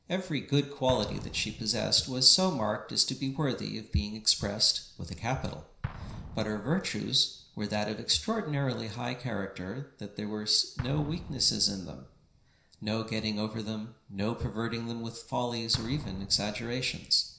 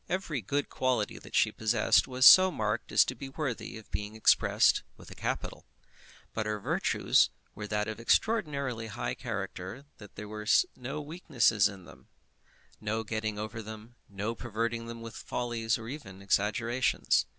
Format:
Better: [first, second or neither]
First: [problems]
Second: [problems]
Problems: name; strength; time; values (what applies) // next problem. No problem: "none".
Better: second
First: background sound (Explosion); 16 dB below the speech // room echo; dies away in 0.5 s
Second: none